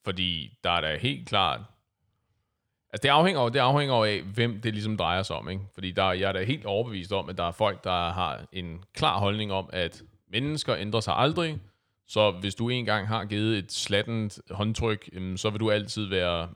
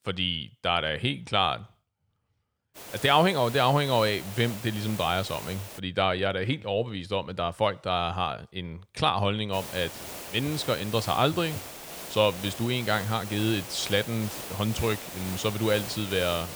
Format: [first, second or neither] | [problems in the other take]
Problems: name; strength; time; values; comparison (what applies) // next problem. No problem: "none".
first | hiss; noticeable; from 3 to 6 s and from 9.5 s on; 10 dB below the speech